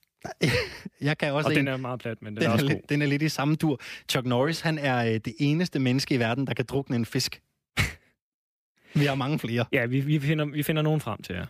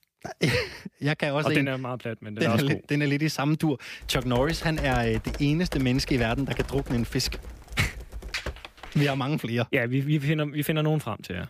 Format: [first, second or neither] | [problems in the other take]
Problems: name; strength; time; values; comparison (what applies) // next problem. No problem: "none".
first | keyboard typing; noticeable; from 4 to 9 s; peak 7 dB below the speech